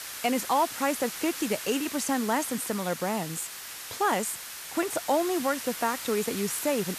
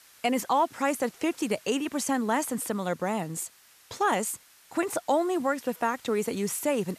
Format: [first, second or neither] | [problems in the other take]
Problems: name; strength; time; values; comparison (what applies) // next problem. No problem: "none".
second | hiss; loud; throughout; 7 dB below the speech; faint in the second